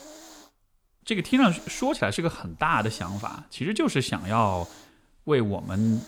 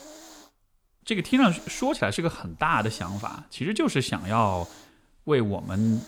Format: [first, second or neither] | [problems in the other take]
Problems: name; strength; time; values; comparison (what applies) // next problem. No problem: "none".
neither | hiss; faint; throughout; 20 dB below the speech; the same in both